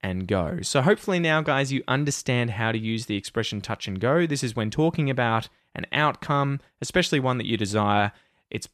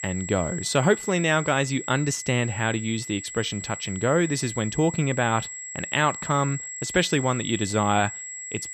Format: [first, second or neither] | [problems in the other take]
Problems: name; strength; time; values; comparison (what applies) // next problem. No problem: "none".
first | high-pitched whine; loud; throughout; 7.5 kHz, 9 dB below the speech